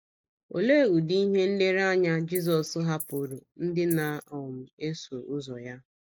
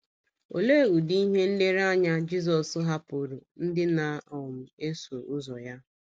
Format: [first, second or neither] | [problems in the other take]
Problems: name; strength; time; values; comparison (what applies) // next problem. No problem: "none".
second | noise reduction (neural mask model Resemble Enhance denoiser)